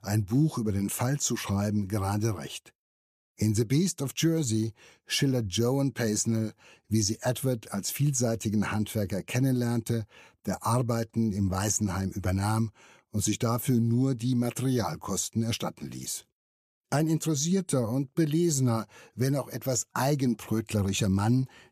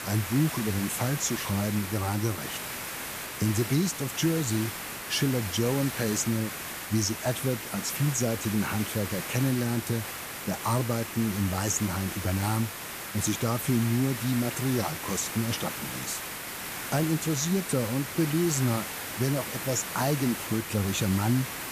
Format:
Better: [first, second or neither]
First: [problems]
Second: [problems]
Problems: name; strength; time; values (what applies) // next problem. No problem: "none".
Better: first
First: none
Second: hiss; loud; throughout; 6 dB below the speech